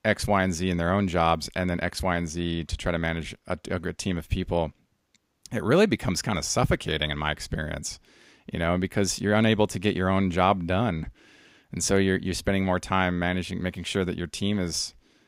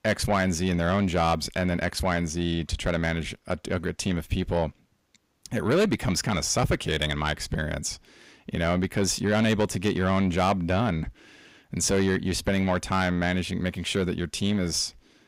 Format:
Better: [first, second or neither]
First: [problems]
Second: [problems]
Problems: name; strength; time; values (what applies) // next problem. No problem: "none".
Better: first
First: none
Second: distortion; slight; 10 dB below the speech